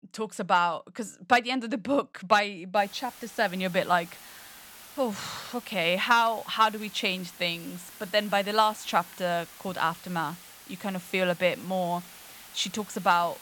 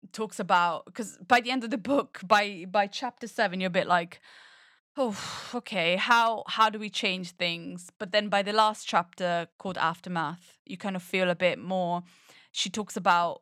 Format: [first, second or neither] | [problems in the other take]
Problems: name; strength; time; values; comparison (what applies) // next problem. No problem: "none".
second | hiss; noticeable; from 3 s on; 20 dB below the speech